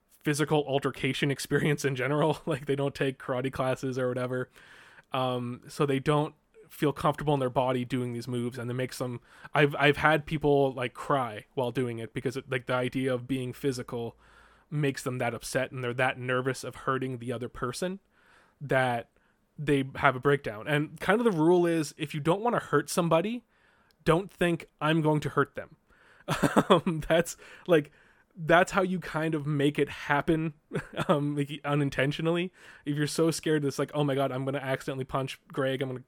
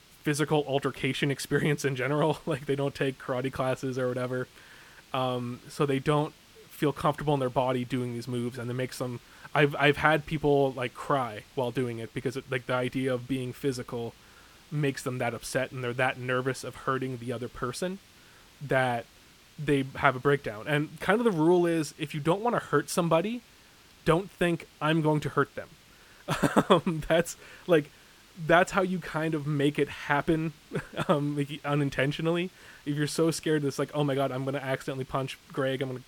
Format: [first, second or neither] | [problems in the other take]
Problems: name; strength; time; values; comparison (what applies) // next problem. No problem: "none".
first | hiss; faint; throughout; 25 dB below the speech